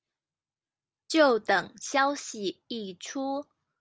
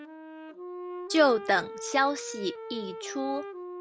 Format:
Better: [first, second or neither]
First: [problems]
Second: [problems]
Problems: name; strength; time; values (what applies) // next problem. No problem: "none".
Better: first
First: none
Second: background sound (Wind instrument, woodwind instrument); 10 dB below the speech